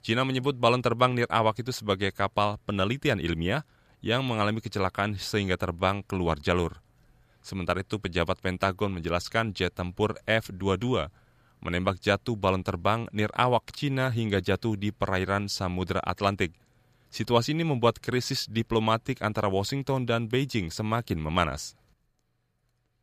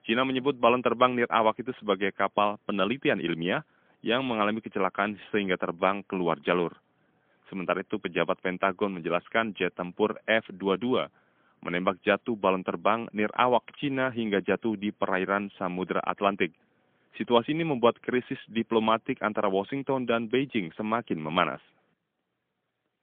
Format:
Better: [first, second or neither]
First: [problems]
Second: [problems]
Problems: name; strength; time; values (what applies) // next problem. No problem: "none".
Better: first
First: none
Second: phone-call audio; poor line; nothing above 3.5 kHz